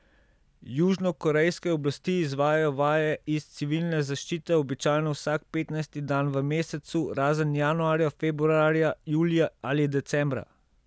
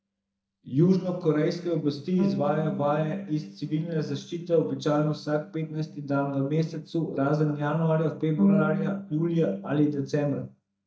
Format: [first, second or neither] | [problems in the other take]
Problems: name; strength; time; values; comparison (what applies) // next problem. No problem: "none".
first | noise reduction (neural mask model DeepFilterNet 3)